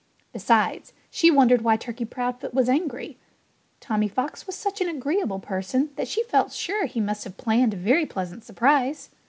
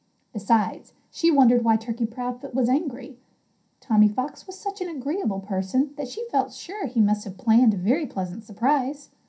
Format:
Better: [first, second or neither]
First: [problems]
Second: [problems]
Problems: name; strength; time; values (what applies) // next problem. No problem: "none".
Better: first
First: none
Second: room echo; dies away in 0.3 s